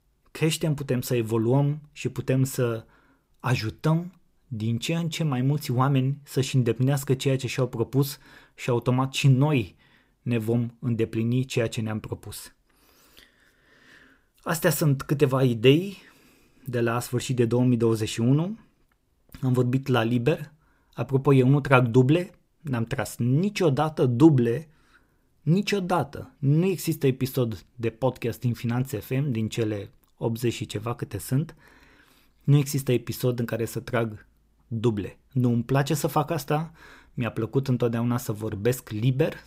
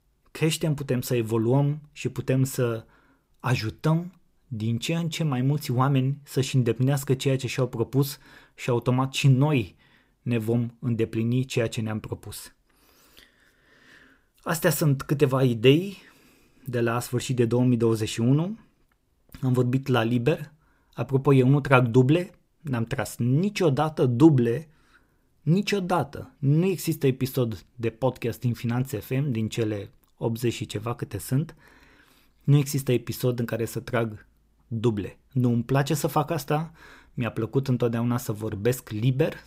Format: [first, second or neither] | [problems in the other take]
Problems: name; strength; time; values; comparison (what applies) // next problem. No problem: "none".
neither | none